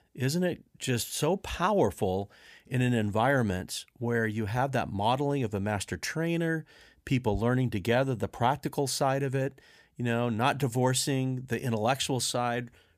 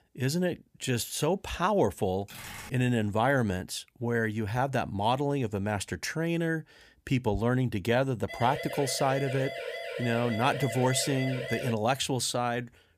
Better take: first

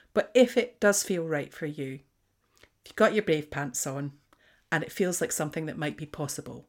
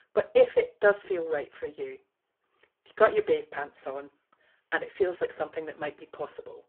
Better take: first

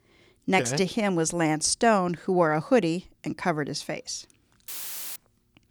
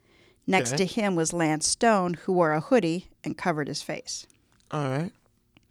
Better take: second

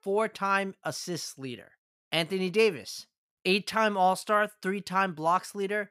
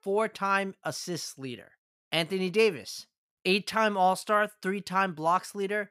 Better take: neither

